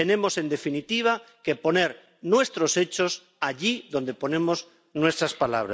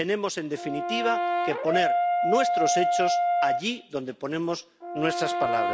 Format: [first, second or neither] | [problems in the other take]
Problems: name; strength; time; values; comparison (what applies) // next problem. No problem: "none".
first | background sound (Brass instrument); 2 dB above the speech